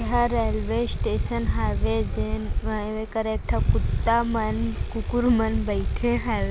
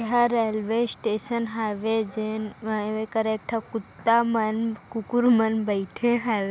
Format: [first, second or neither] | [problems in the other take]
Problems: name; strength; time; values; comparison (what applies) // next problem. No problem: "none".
second | background sound (Bicycle); as loud as the speech